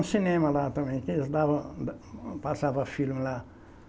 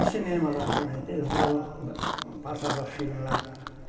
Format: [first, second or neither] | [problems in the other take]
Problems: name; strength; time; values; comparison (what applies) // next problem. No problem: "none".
first | background sound (Chewing, mastication); 2 dB below the speech // room echo; dies away in 2.6 s